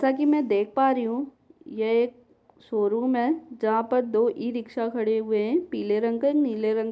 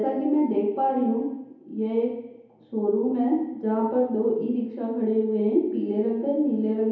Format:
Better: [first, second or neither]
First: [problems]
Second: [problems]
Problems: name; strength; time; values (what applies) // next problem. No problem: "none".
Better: first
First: none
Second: room echo; dies away in 1 s